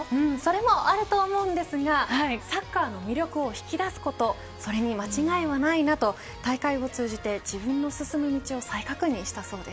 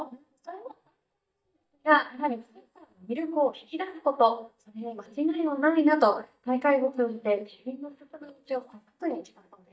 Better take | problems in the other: first | noise reduction (neural mask model DeepFilterNet 3)

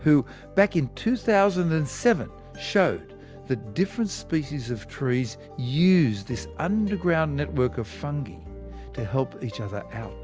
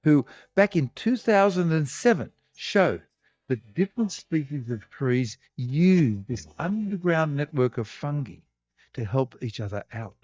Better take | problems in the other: first | noise reduction (neural mask model DeepFilterNet 3)

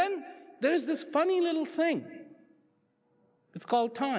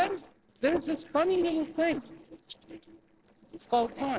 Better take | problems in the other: first | noise reduction (neural separator model SepFormer DNS4)

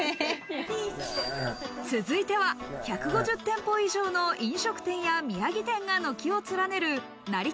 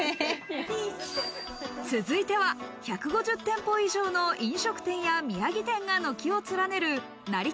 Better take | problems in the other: second | background sound (Burping, eructation); 6 dB below the speech

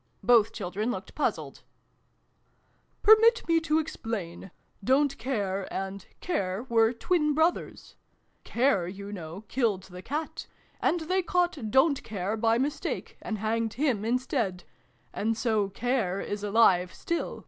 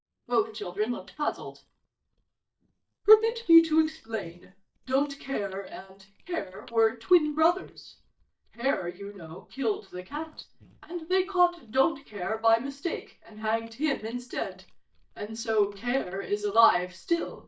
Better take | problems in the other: first | noise reduction (neural mask model DeepFilterNet 3)

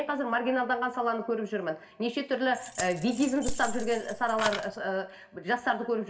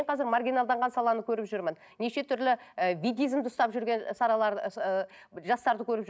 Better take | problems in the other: second | background sound (Keys jangling); 6 dB below the speech // room echo; dies away in 0.6 s

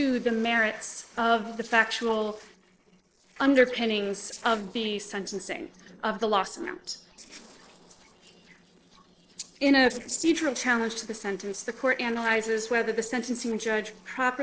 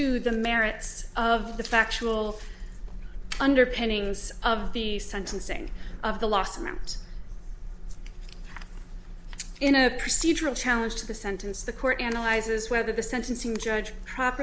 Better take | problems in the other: second | noise reduction (neural separator model SepFormer DNS4)

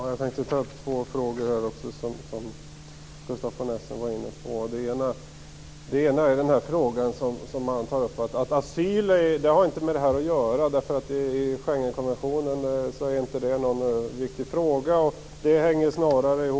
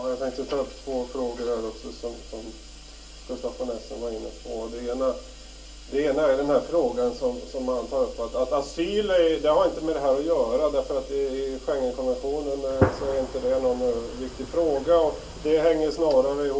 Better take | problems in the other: first | background sound (Gunshot, gunfire); 7 dB below the speech // room echo; dies away in 0.2 s

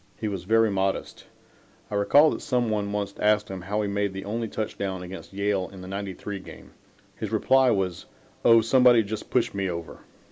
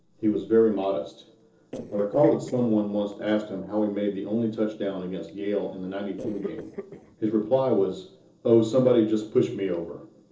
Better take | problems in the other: first | noise reduction (neural separator model SepFormer DNS4)

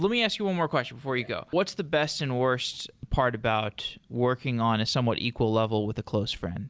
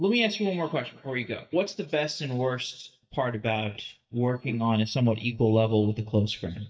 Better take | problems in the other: first | noise reduction (neural mask model DeepFilterNet 3)

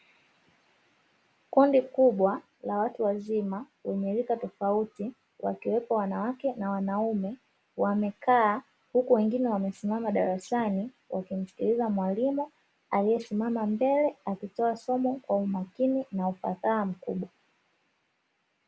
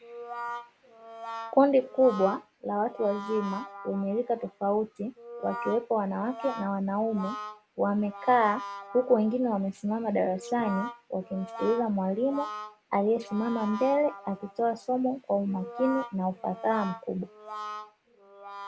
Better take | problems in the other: first | background sound (Brass instrument); 12 dB below the speech

